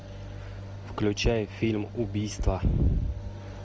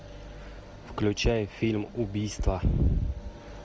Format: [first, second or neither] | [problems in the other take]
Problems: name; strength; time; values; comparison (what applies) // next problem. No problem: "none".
second | background sound (Organ); 13 dB below the speech